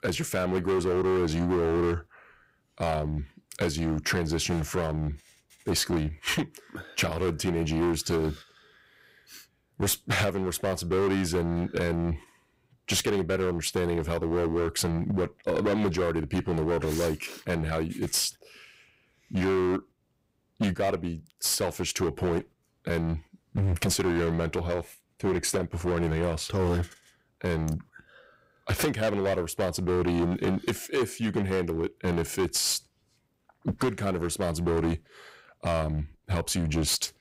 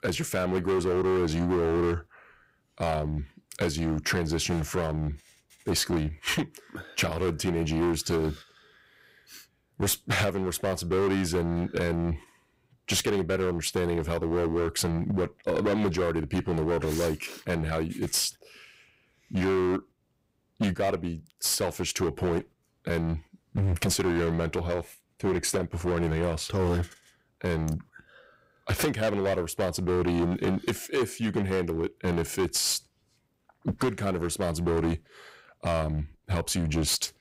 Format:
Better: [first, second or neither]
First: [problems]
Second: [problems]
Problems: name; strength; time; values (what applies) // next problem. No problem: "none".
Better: neither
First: distortion; heavy; 12% of the sound clipped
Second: distortion; heavy; 12% of the sound clipped